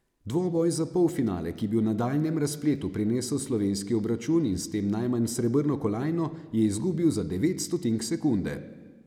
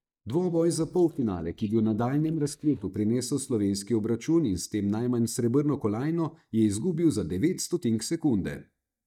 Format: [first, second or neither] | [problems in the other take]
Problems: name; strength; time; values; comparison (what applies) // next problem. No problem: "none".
first | noise reduction (neural mask model DeepFilterNet 3)